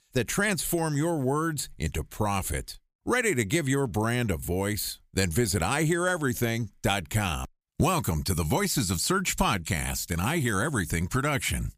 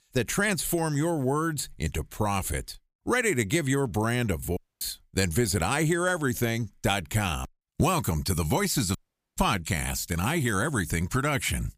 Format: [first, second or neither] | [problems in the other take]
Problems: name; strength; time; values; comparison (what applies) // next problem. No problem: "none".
first | audio cutting out; at 4.5 s and at 9 s